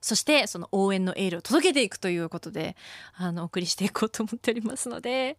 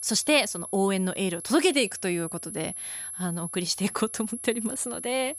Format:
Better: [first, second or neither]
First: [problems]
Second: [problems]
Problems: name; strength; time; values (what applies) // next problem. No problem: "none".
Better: first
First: none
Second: high-pitched whine; loud; throughout; 11 kHz, 8 dB below the speech